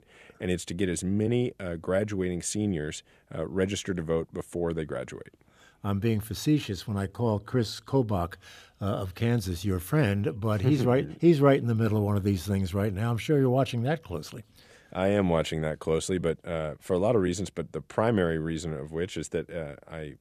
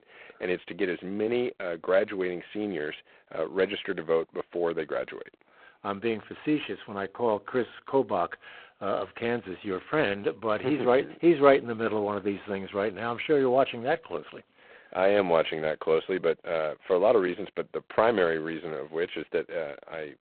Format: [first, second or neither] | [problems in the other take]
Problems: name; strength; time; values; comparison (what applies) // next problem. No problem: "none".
first | phone-call audio; poor line; nothing above 3.5 kHz